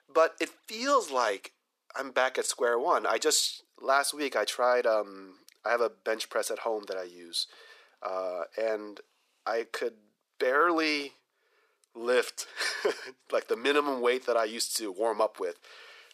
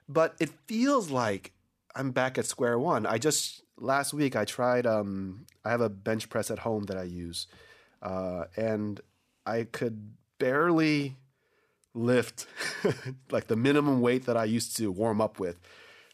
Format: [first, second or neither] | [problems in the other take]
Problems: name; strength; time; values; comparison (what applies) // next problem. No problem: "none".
second | thin; very; fading below 400 Hz